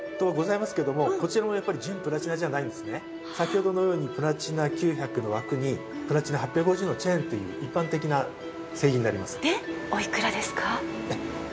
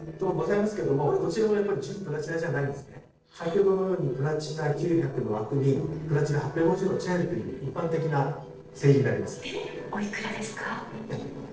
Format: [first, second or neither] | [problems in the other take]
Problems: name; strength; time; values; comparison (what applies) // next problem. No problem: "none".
first | noise reduction (neural separator model SepFormer DNS4)